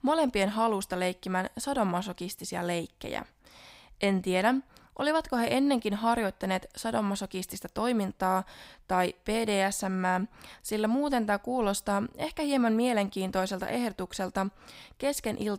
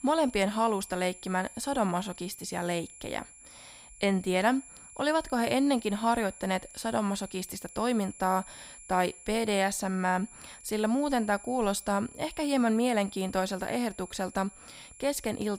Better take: first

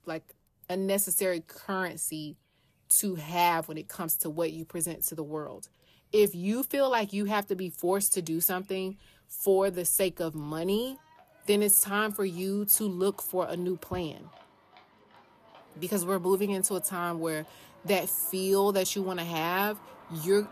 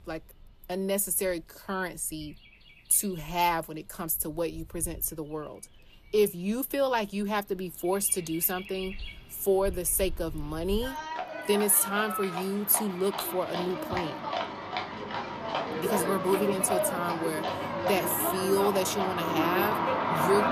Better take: first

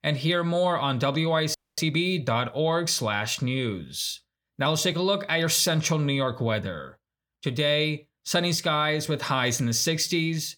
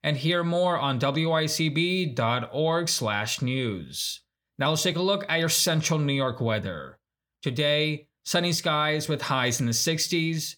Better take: second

